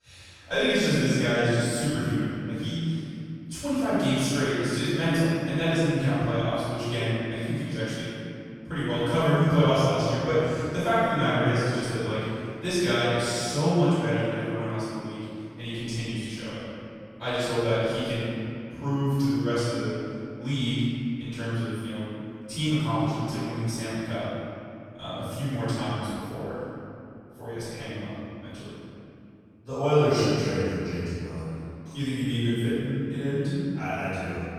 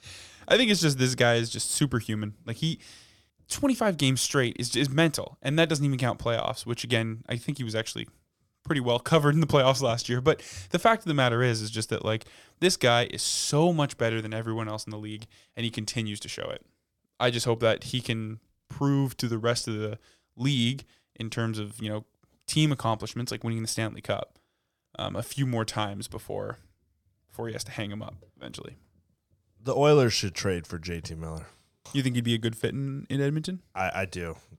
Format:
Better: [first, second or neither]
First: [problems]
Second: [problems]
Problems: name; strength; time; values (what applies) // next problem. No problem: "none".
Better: second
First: off-mic speech; far // room echo; strong; dies away in 2.7 s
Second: none